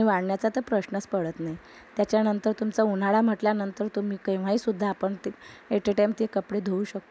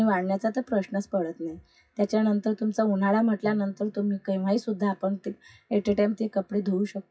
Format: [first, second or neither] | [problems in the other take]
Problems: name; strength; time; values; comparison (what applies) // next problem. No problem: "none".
first | noise reduction (classical method WPE with log-MMSE)